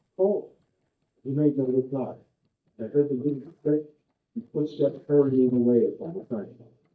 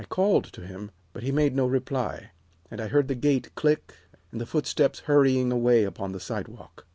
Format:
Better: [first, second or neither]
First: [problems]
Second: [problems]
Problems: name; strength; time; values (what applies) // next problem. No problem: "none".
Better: second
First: noise reduction (neural mask model DeepFilterNet 3)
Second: none